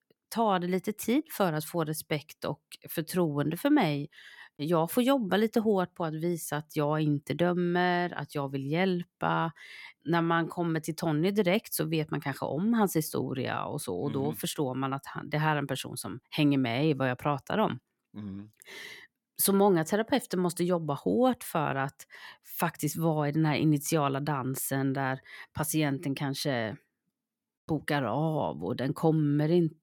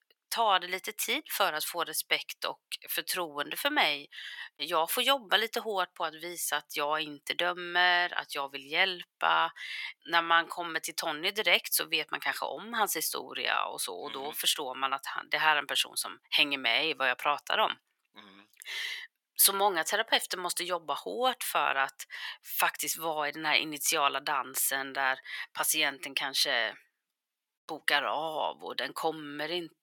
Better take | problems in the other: first | thin; very; fading below 900 Hz

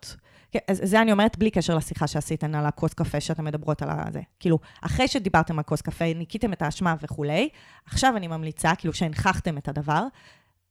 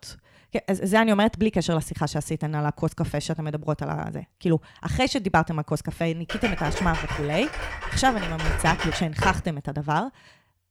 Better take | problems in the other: first | keyboard typing; noticeable; from 6.5 to 9.5 s; peak 2 dB below the speech

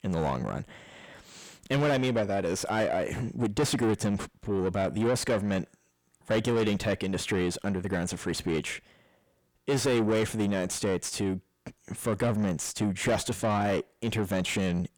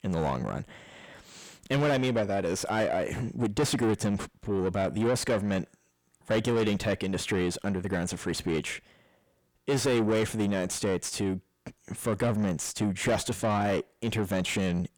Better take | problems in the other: neither | distortion; heavy; 6 dB below the speech; the same in both

